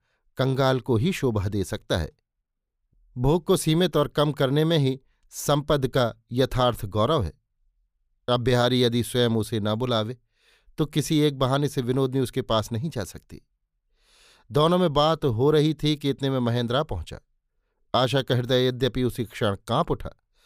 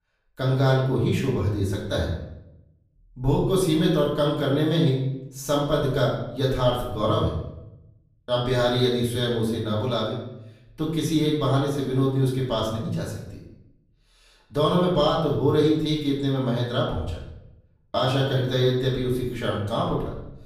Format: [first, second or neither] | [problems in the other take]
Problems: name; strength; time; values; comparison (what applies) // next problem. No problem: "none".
first | off-mic speech; far // room echo; noticeable; dies away in 0.7 s